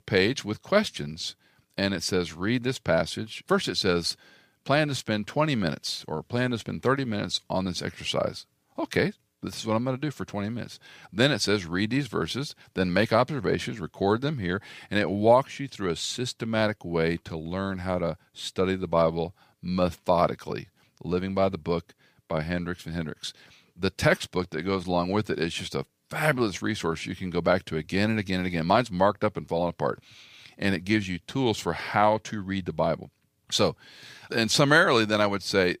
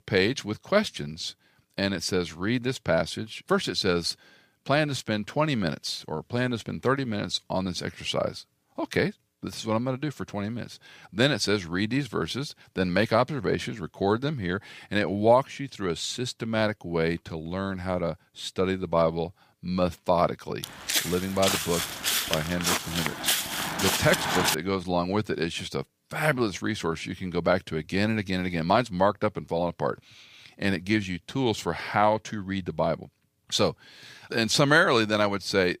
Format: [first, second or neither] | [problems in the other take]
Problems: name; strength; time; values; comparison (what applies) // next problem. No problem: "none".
first | footsteps; loud; from 21 to 25 s; peak 3 dB above the speech